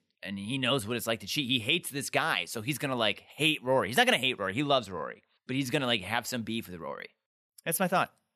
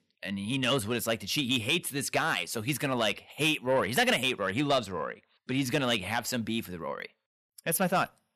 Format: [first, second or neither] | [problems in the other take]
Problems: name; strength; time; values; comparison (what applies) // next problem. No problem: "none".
first | distortion; slight; 10 dB below the speech